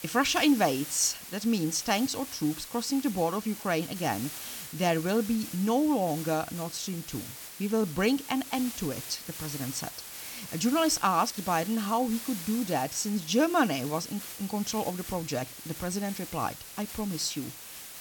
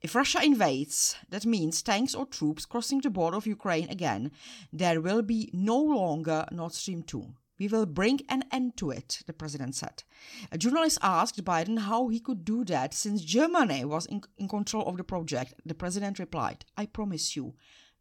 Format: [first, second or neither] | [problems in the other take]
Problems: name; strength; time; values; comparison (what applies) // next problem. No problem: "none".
second | hiss; noticeable; throughout; 10 dB below the speech